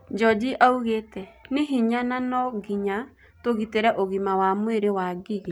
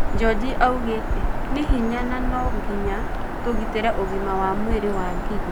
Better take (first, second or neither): first